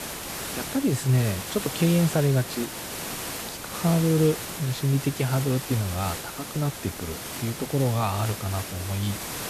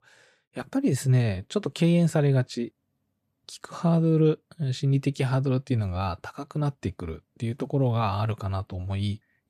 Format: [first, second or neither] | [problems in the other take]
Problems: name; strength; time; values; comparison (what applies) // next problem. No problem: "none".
second | hiss; loud; throughout; 7 dB below the speech